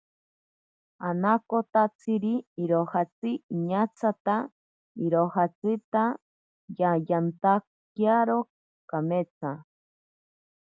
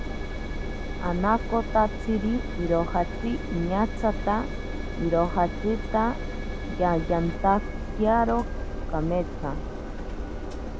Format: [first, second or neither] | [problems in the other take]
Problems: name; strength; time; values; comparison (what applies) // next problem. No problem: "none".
first | background sound (Engine); 3 dB below the speech